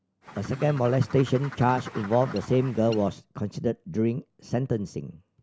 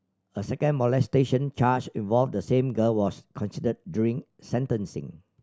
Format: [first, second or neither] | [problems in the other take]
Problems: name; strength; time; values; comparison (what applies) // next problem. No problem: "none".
second | background sound (Bird); 15 dB below the speech